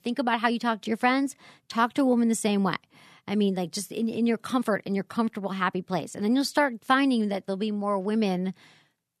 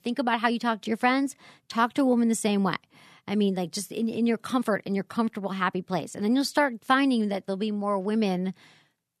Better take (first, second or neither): neither